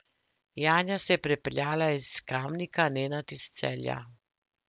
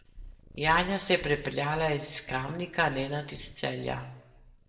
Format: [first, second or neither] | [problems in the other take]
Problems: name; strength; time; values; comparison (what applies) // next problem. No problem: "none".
first | background sound (Purr); 17 dB below the speech // room echo; dies away in 0.7 s